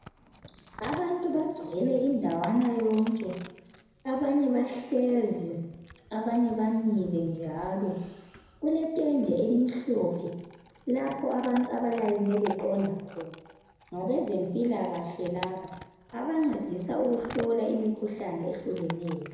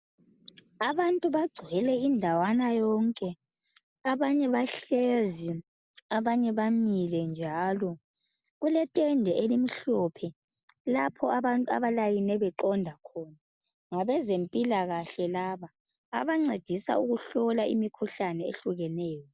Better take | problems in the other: second | background sound (Chewing, mastication / Dog); 18 dB below the speech // room echo; dies away in 0.9 s

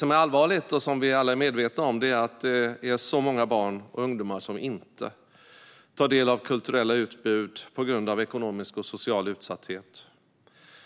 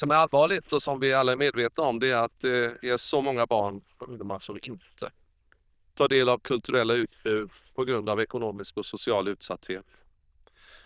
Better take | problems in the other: first | noise reduction (neural diffusion model UNIVERSE++)

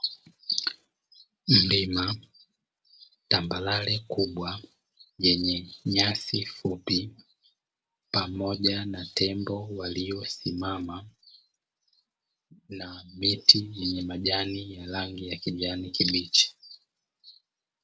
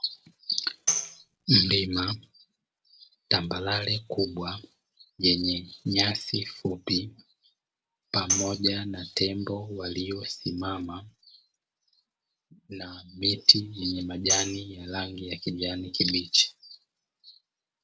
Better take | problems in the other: first | background sound (Tambourine); 4 dB below the speech

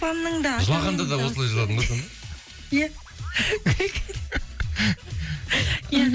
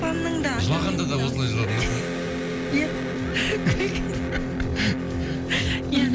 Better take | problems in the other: first | background sound (Electric guitar); 1 dB below the speech

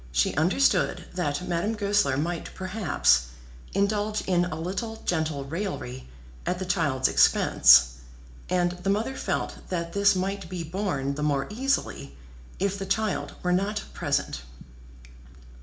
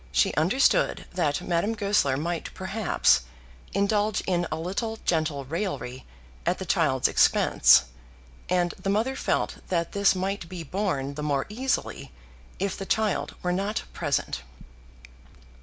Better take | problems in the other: second | room echo; dies away in 0.4 s

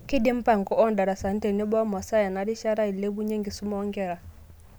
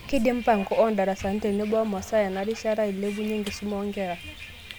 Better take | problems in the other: first | background sound (Bus); 17 dB below the speech

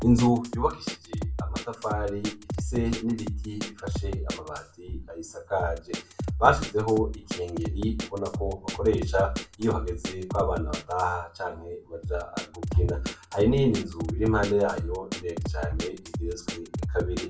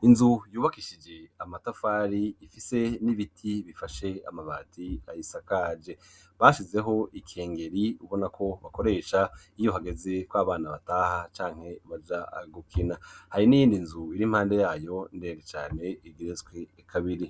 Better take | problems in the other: second | background sound (Drum kit); 5 dB below the speech // room echo; dies away in 0.3 s

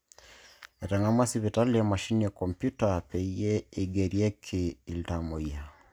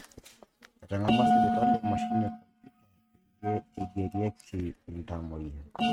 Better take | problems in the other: first | noise reduction (neural mask model RNNoise)

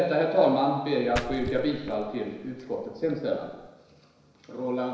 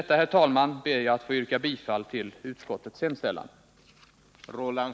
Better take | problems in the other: second | background sound (Splash, splatter); 12 dB below the speech // room echo; dies away in 1 s

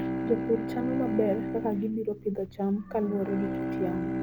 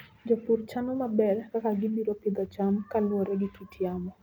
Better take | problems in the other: second | background sound (Bowed string instrument); 3 dB below the speech

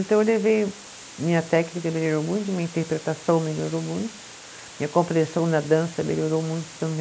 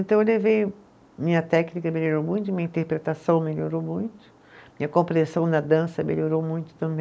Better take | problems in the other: second | background sound (Water); 18 dB below the speech

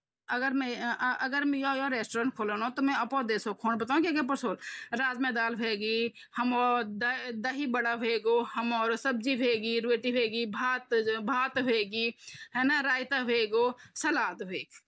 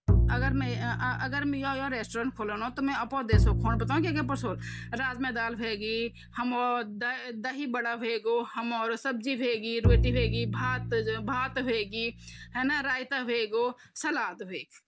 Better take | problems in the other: first | background sound (Bowed string instrument); 1 dB above the speech

